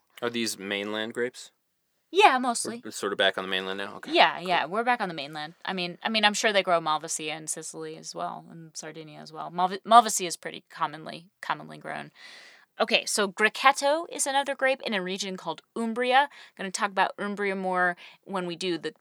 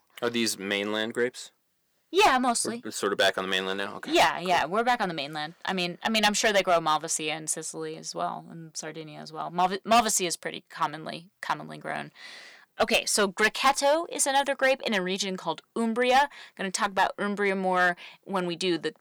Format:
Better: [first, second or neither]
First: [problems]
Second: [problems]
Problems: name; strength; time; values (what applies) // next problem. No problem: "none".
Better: first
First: none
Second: distortion; heavy; 2% of the sound clipped